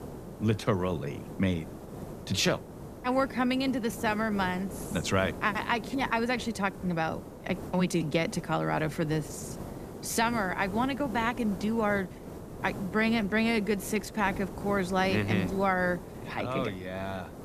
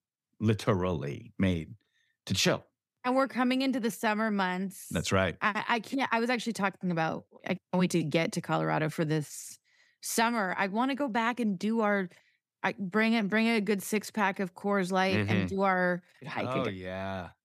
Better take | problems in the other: second | hiss; noticeable; throughout; 10 dB below the speech

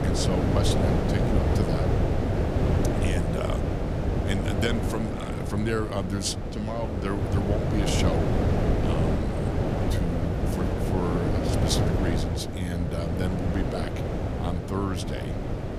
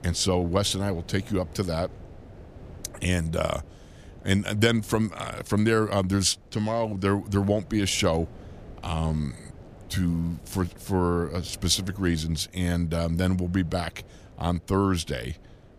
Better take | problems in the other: second | wind noise on the microphone; heavy; 2 dB above the speech; occasional gusts in the second

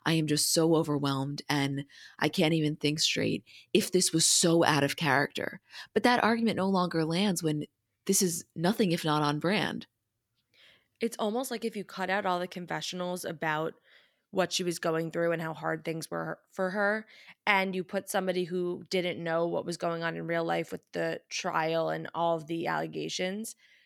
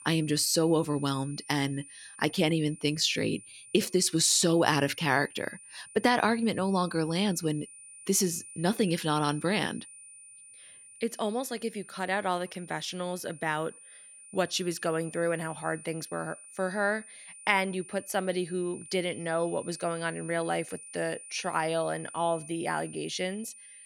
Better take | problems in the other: first | high-pitched whine; noticeable; throughout; 9 kHz, 15 dB below the speech

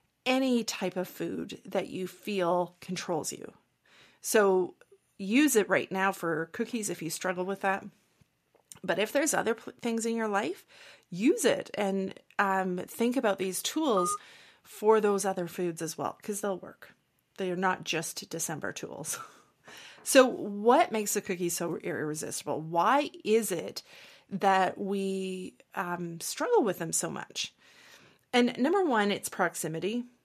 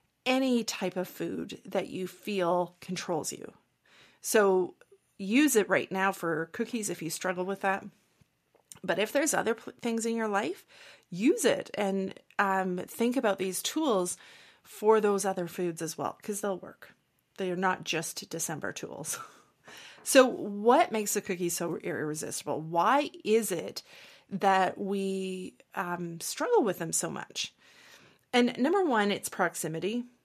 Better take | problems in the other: second | phone ringing; noticeable; at 14 s; peak 4 dB below the speech

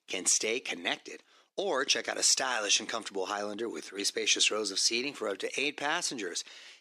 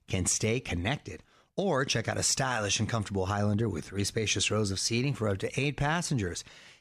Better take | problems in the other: second | thin; somewhat; fading below 300 Hz

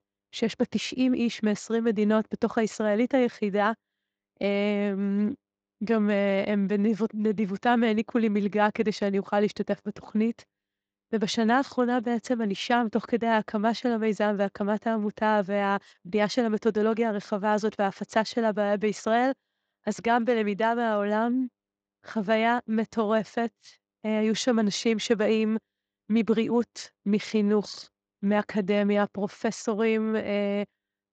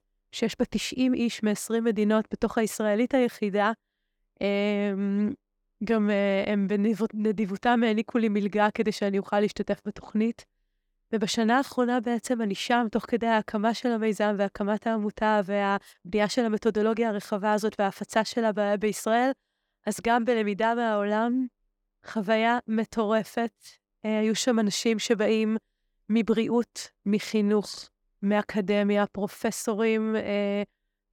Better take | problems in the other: second | garbled, watery; slightly; nothing above 7.5 kHz

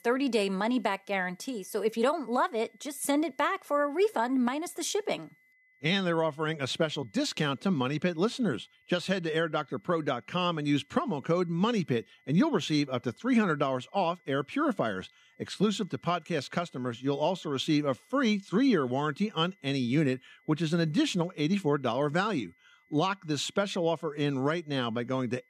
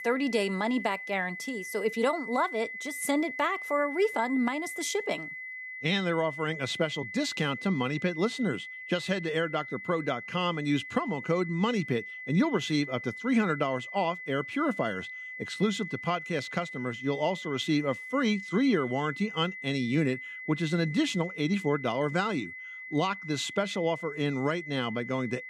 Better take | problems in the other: first | high-pitched whine; loud; throughout; 2 kHz, 9 dB below the speech; faint in the first

